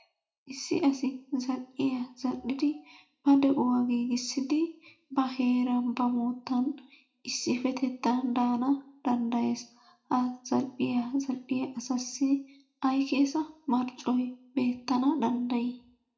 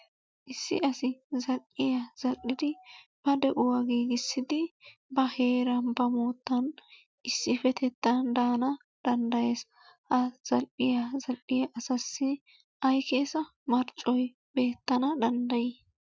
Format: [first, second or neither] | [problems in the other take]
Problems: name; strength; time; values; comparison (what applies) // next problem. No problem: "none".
second | room echo; dies away in 0.4 s